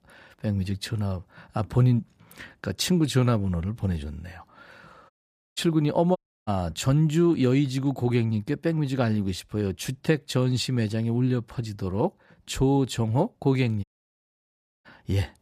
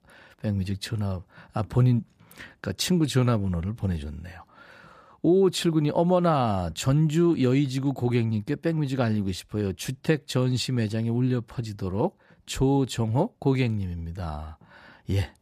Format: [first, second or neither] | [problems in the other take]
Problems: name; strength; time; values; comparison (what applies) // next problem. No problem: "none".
second | audio cutting out; at 5 s, at 6 s and at 14 s for 1 s